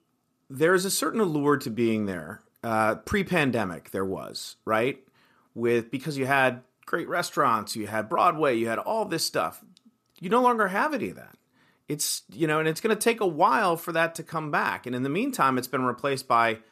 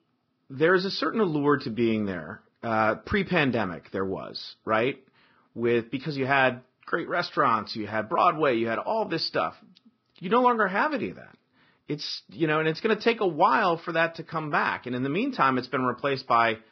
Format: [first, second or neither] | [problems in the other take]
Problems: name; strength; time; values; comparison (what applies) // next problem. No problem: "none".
first | garbled, watery; badly; nothing above 5 kHz